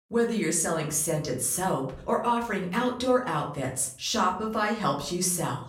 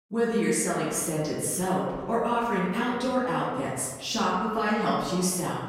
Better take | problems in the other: first | room echo; strong; dies away in 1.3 s; slight in the first // off-mic speech; far; far in the first

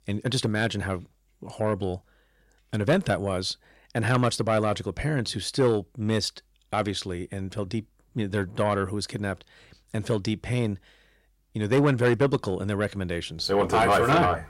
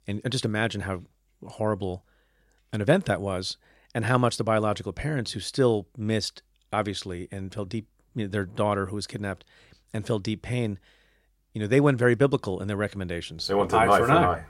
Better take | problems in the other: second | distortion; slight; 10 dB below the speech

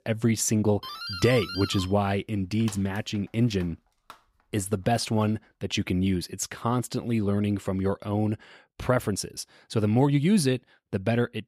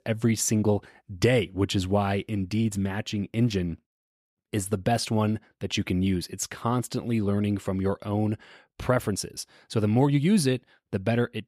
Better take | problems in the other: second | doorbell; noticeable; from 1 to 5.5 s; peak 8 dB below the speech

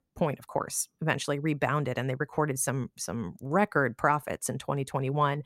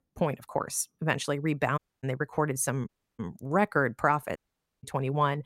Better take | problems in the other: first | audio cutting out; at 2 s, at 3 s and at 4.5 s

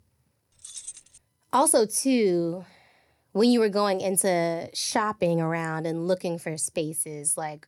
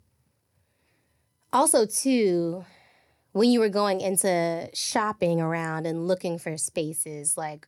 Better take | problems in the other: second | jangling keys; faint; at 0.5 s; peak 15 dB below the speech

